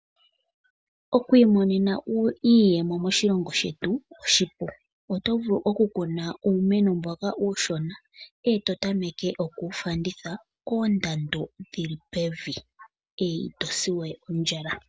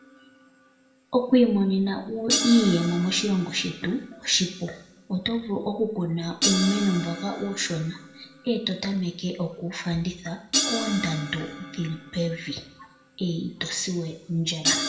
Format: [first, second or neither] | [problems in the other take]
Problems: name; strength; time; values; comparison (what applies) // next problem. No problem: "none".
first | background sound (Crash cymbal); 7 dB below the speech // room echo; dies away in 0.7 s